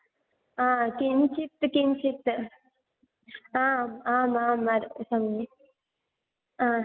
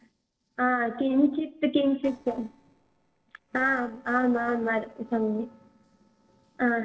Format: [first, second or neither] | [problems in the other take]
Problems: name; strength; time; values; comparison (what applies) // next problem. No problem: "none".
first | noise reduction (neural separator model SepFormer DNS4)